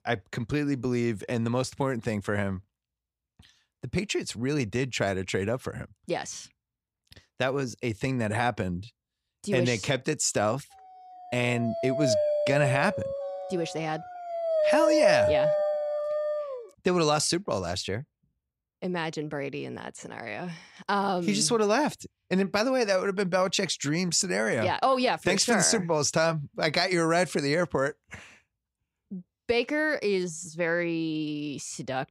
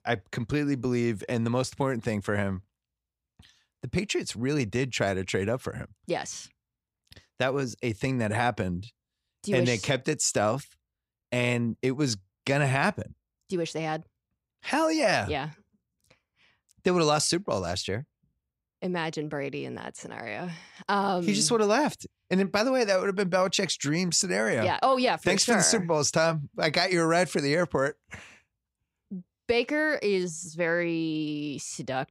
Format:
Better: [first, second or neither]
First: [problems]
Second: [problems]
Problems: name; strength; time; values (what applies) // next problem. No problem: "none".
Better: second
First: dog barking; loud; from 11 to 17 s; peak 5 dB above the speech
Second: none